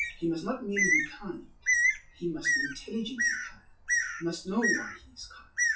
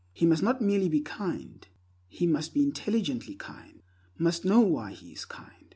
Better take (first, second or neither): second